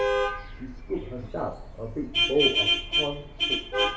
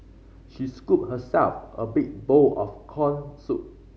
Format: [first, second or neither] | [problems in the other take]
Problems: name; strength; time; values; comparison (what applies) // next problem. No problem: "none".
second | background sound (Vehicle horn, car horn, honking); 5 dB above the speech // room echo; dies away in 0.2 s